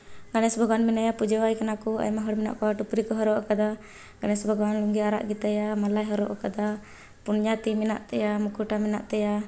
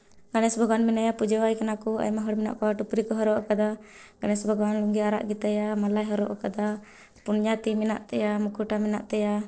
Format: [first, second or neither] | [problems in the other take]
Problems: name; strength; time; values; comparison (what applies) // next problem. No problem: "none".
first | noise reduction (neural separator model SepFormer DNS4)